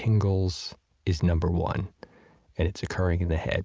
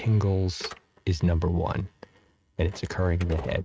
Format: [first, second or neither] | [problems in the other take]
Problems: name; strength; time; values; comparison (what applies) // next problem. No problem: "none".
first | noise reduction (neural mask model RNNoise)